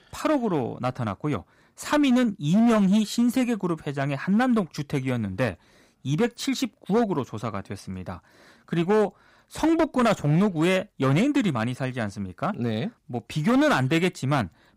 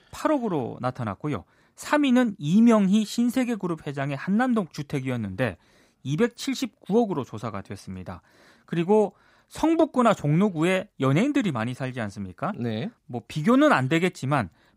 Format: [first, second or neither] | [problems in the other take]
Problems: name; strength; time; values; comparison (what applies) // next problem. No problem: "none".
second | distortion; slight; 7% of the sound clipped